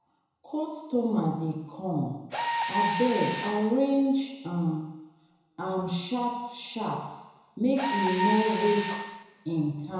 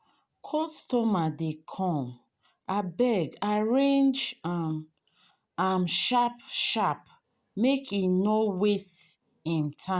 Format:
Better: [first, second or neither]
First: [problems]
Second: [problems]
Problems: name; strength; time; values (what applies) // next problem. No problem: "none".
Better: second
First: background sound (Mechanisms); 6 dB below the speech // room echo; dies away in 1 s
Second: none